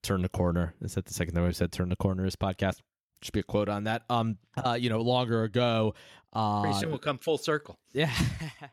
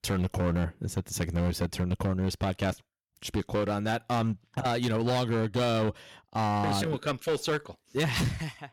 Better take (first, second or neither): first